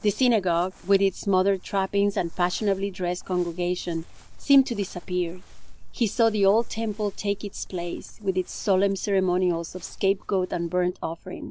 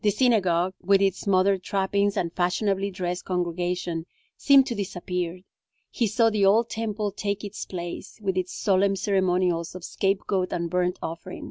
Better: second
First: background sound (Crumpling, crinkling); 14 dB below the speech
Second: none

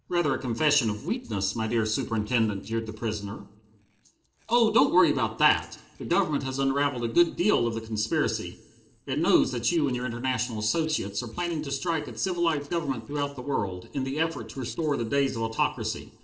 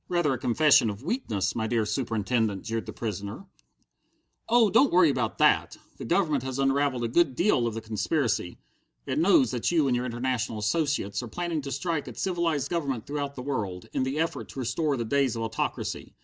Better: second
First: noise reduction (neural separator model SepFormer DNS4)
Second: none

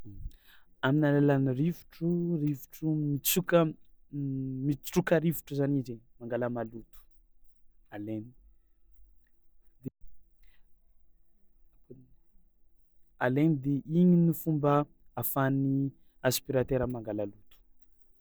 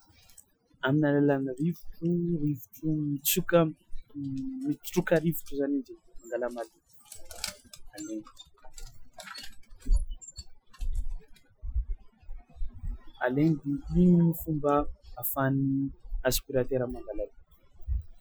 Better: first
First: none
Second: noise reduction (classical method Wiener filter)

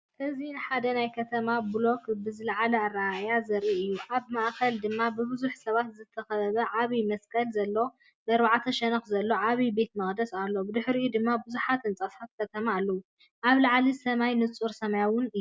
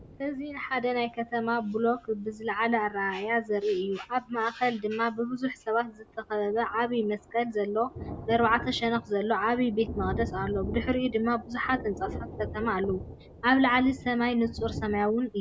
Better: first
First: none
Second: background sound (Thunder); 13 dB below the speech

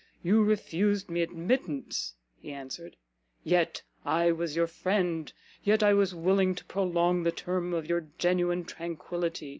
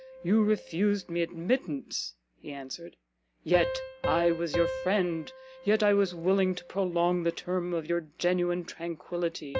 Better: first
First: none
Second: background sound (Piano); 10 dB below the speech

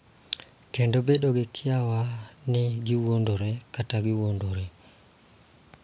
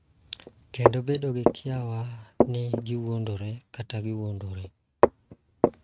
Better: first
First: none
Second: noise reduction (neural mask model RNNoise)

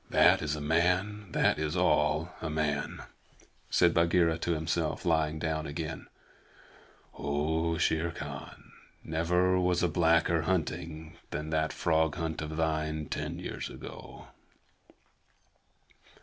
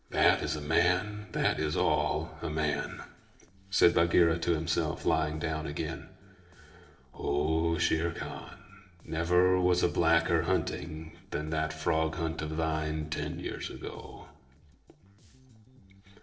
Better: first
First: none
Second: noise reduction (neural separator model SepFormer DNS4)

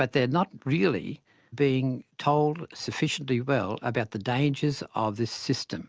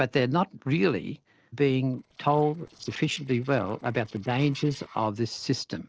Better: first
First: none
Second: noise reduction (neural separator model SepFormer DNS4)

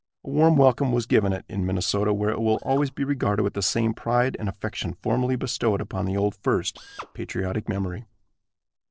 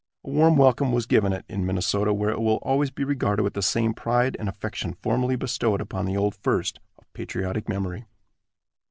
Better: second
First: noise reduction (neural separator model SepFormer DNS4)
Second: none

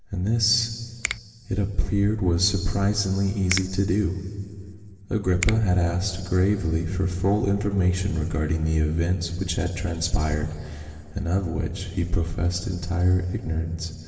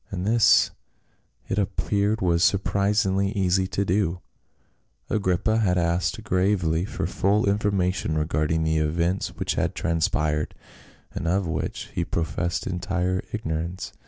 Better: second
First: background sound (Finger snapping); 14 dB below the speech // room echo; dies away in 2.9 s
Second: none

